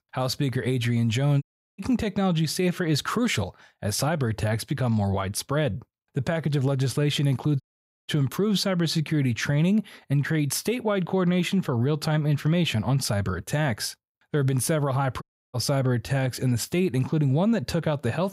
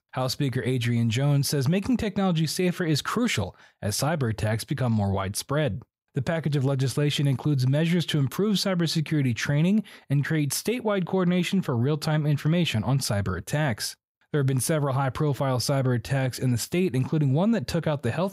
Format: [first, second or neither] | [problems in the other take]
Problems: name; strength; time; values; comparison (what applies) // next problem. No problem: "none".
second | audio cutting out; at 1.5 s, at 7.5 s and at 15 s